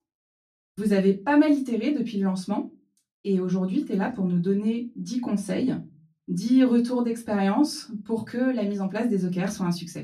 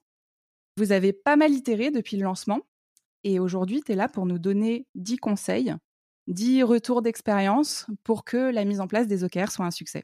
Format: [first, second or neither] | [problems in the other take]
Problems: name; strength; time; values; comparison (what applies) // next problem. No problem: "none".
second | off-mic speech; far // room echo; very slight; dies away in 0.3 s